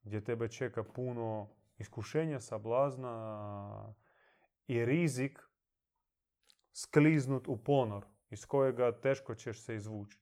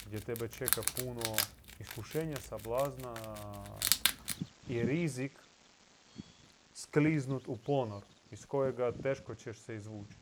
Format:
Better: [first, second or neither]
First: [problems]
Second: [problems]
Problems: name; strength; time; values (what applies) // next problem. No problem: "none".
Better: first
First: none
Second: animal sounds; very loud; throughout; 2 dB above the speech